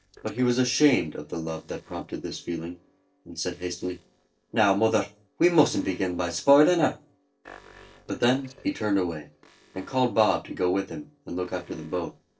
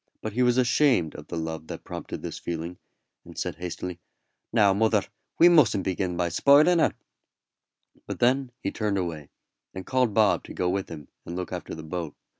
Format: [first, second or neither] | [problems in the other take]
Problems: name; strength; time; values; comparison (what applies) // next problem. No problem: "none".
second | noise reduction (neural separator model SepFormer DNS4)